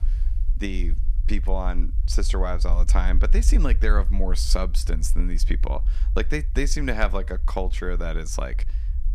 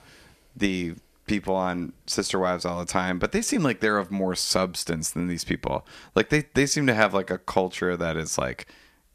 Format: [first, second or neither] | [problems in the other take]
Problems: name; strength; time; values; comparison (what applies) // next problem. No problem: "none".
second | low rumble; noticeable; throughout; 20 dB below the speech